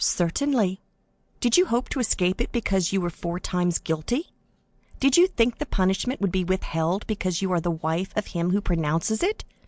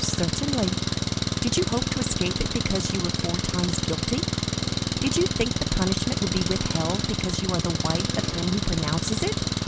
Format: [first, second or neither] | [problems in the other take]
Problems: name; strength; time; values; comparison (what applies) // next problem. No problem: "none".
first | background sound (Engine); 3 dB above the speech